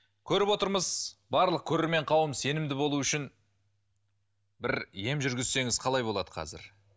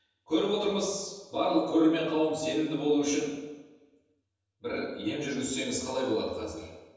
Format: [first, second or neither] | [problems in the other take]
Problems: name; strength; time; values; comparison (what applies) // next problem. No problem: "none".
first | room echo; dies away in 1.1 s